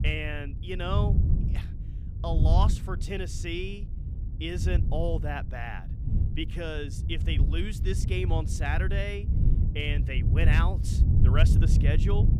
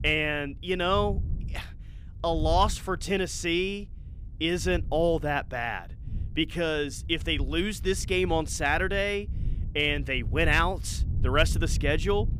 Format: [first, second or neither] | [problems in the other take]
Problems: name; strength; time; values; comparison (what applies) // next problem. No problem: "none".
second | wind noise on the microphone; heavy; 7 dB below the speech; occasional gusts in the second